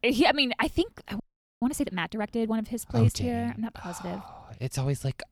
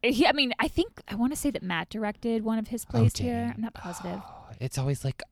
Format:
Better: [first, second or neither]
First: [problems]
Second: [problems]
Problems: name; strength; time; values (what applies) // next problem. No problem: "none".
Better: second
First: audio freezing; at 1 s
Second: none